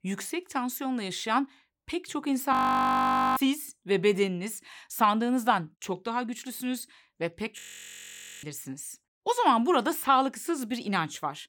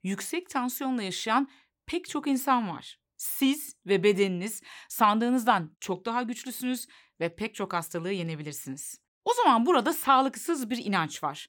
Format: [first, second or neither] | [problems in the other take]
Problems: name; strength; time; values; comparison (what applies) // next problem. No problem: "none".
second | audio freezing; at 2.5 s for 1 s and at 7.5 s for 1 s